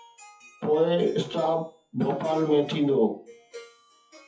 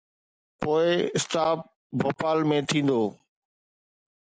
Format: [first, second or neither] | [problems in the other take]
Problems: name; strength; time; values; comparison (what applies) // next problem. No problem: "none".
second | noise reduction (classical method WPE with log-MMSE)